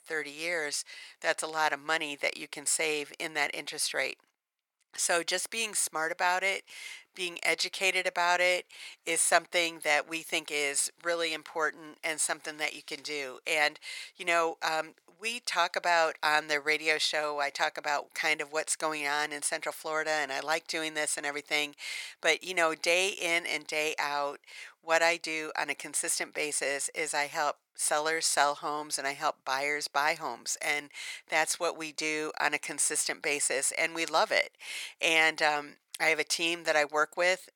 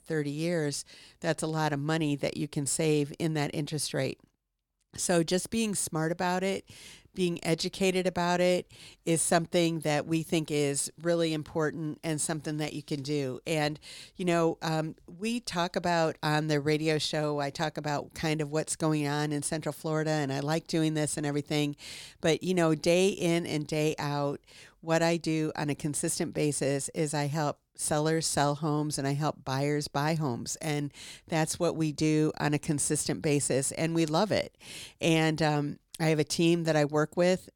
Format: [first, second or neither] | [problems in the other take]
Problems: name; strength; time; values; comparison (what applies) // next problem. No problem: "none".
second | thin; very; fading below 800 Hz